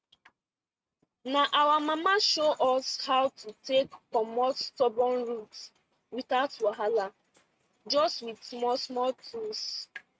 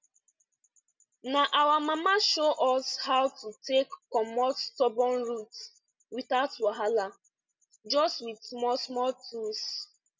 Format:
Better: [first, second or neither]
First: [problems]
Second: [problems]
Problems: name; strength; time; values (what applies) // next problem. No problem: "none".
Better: second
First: noise reduction (neural mask model RNNoise)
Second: none